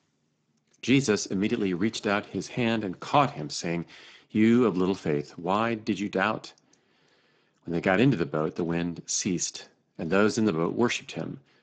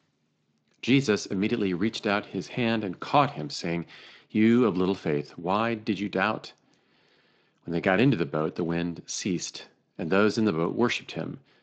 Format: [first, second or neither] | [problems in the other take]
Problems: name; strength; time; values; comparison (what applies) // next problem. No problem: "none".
second | garbled, watery; badly; nothing above 7.5 kHz; slightly in the second